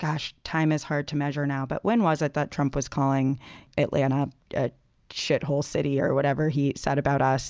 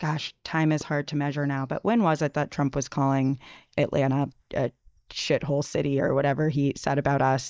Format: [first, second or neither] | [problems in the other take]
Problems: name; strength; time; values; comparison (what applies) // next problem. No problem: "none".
first | noise reduction (neural mask model DeepFilterNet 3)